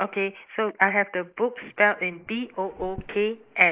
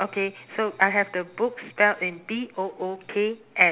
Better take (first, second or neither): second